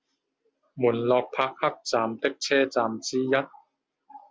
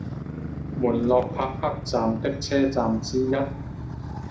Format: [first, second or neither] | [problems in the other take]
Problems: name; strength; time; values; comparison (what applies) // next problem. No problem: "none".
first | background sound (Motorcycle); 7 dB below the speech // room echo; dies away in 0.4 s